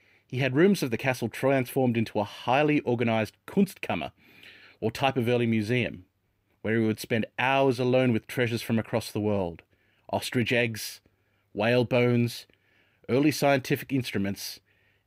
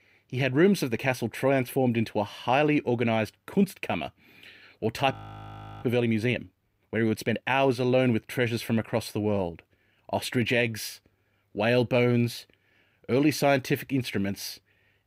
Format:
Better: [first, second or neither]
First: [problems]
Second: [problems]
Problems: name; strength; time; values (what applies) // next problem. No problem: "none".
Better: first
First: none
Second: audio freezing; at 5 s for 0.5 s